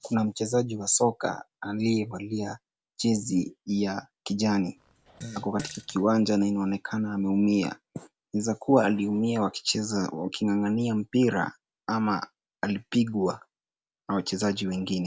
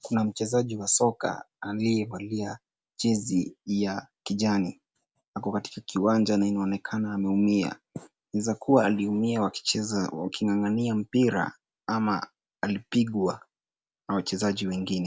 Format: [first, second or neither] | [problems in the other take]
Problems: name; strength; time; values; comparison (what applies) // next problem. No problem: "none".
second | background sound (Fart); 15 dB below the speech